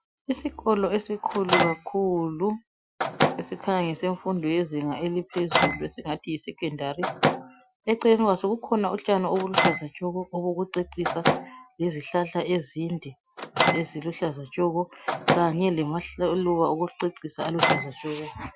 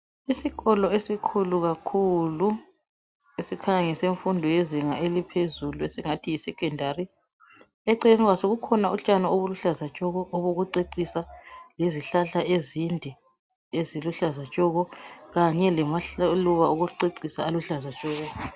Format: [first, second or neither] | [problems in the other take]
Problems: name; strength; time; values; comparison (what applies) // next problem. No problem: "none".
second | noise reduction (classical method Wiener filter)